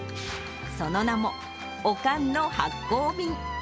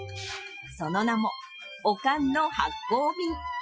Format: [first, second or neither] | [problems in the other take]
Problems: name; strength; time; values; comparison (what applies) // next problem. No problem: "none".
first | noise reduction (classical method Wiener filter)